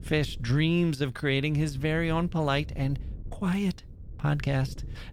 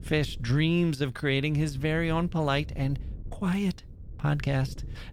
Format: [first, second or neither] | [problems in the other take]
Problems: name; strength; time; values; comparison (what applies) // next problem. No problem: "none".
neither | wind noise on the microphone; occasional gusts; 25 dB below the speech; the same in both